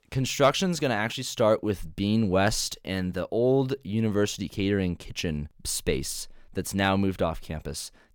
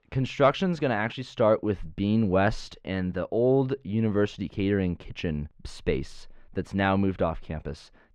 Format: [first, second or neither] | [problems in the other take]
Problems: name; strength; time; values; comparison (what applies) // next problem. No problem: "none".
first | muffled; slightly; fading above 2.5 kHz